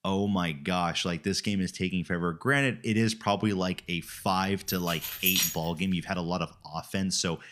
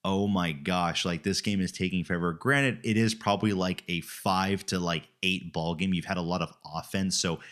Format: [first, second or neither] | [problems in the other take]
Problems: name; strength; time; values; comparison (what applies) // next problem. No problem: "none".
second | jangling keys; loud; at 4.5 s; peak 4 dB above the speech